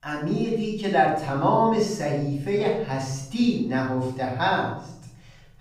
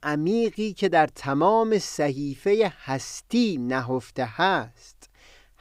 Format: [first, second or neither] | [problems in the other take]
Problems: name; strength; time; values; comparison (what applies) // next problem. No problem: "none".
second | off-mic speech; far // room echo; noticeable; dies away in 1.1 s